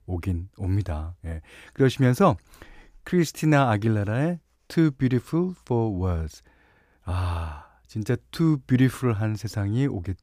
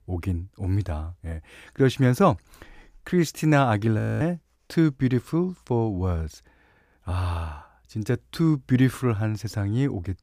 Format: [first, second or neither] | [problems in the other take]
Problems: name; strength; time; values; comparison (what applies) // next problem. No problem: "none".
first | audio freezing; at 4 s